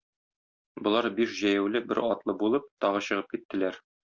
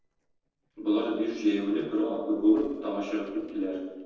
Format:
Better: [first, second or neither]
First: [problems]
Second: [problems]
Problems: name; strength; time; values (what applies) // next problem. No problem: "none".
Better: first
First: none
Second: noise reduction (neural separator model SepFormer DNS4)